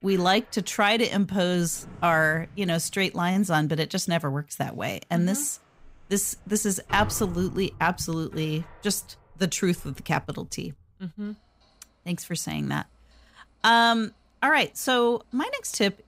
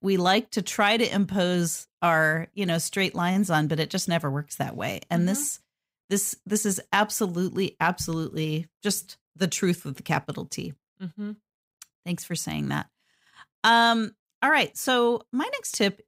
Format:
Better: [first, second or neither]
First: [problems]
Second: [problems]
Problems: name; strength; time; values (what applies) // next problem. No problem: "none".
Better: second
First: household noises; noticeable; throughout; 20 dB below the speech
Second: none